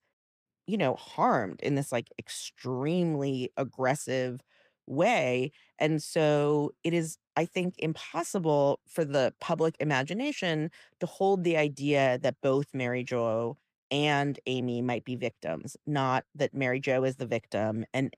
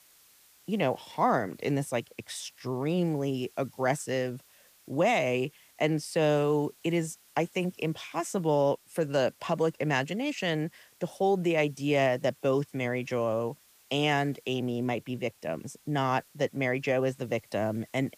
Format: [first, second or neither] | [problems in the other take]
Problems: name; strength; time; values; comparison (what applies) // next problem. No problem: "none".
first | hiss; faint; throughout; 30 dB below the speech